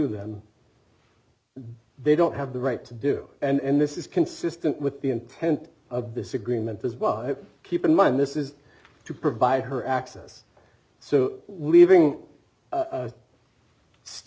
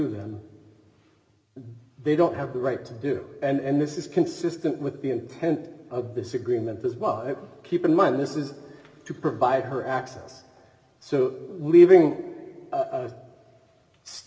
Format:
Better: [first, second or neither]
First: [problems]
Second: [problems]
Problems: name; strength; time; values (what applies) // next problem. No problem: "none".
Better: first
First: none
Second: room echo; dies away in 1.5 s